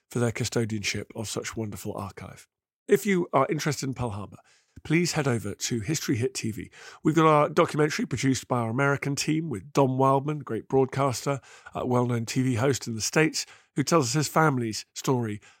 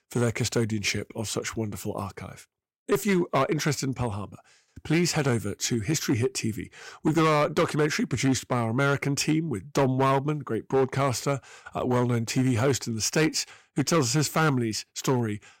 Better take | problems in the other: first | distortion; slight; 5% of the sound clipped

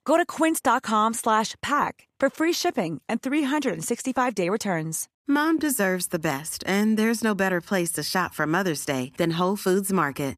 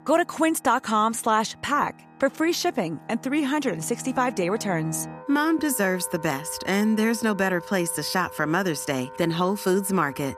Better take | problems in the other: first | background music; noticeable; throughout; 15 dB below the speech

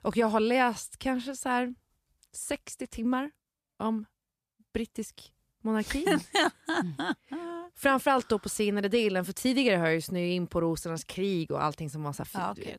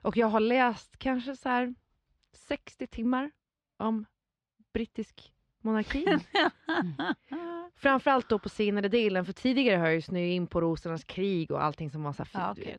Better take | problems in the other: first | muffled; very slightly; fading above 4 kHz

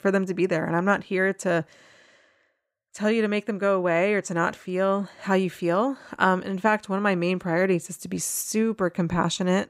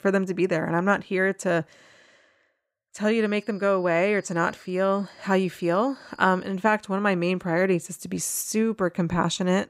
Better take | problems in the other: first | high-pitched whine; faint; from 3 to 6.5 s; 5 kHz, 30 dB below the speech

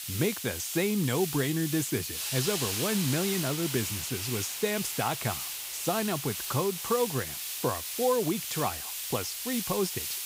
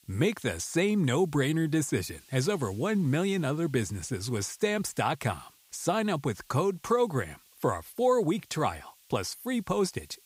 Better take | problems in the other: second | hiss; loud; throughout; 2 dB below the speech; faint in the second

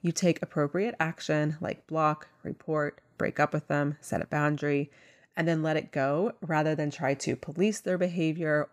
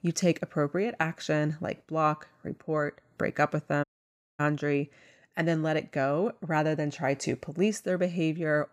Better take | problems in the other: first | audio cutting out; at 4 s for 0.5 s

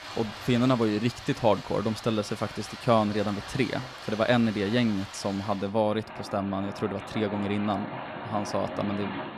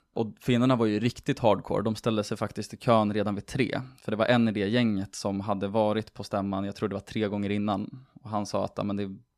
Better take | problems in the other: second | rain or running water; noticeable; throughout; 10 dB below the speech

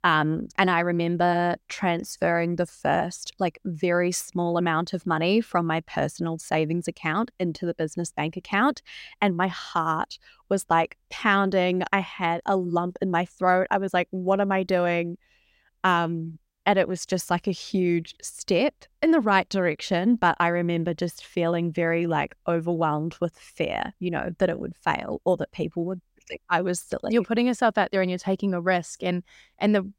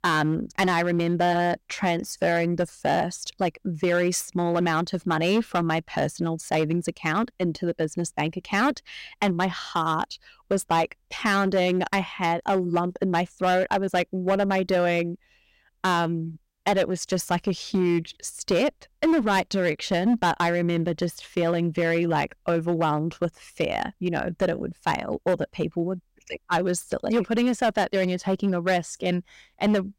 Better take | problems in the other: first | distortion; slight; 6% of the sound clipped

